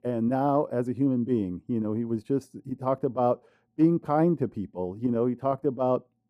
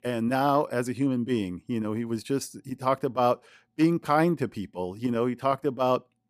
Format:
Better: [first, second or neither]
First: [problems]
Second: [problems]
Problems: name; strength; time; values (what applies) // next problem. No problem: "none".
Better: second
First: muffled; very; fading above 1.5 kHz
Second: none